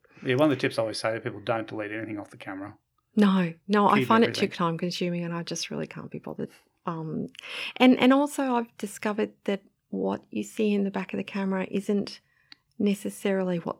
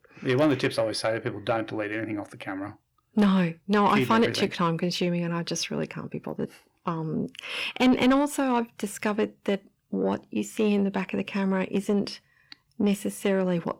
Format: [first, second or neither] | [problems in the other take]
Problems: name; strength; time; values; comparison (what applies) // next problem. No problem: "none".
first | distortion; slight; 10 dB below the speech